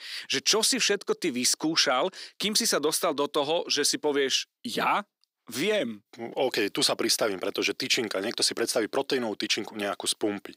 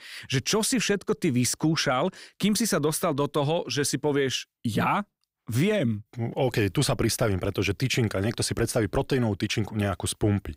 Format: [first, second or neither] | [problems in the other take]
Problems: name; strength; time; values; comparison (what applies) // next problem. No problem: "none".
second | thin; somewhat; fading below 300 Hz